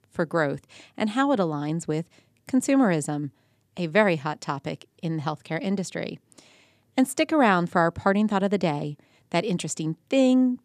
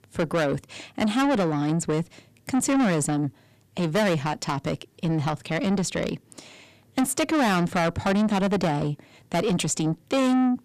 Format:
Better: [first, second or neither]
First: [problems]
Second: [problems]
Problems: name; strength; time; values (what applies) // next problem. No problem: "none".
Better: first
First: none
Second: distortion; heavy; 6 dB below the speech